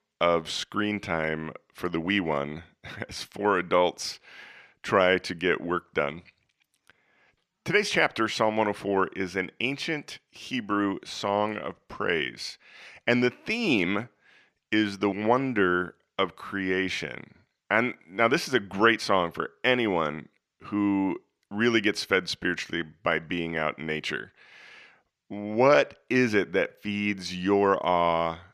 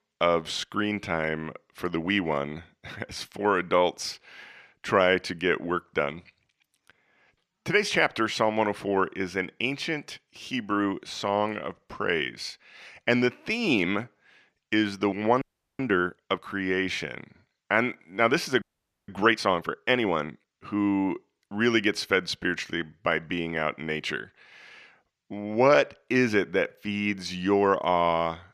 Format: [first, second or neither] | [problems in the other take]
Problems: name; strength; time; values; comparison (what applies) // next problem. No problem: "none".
first | audio freezing; at 15 s and at 19 s